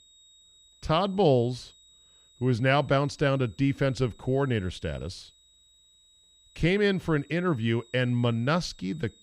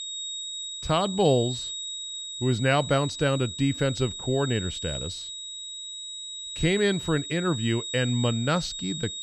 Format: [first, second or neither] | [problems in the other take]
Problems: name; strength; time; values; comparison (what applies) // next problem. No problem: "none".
first | high-pitched whine; loud; throughout; 4 kHz, 7 dB below the speech; faint in the first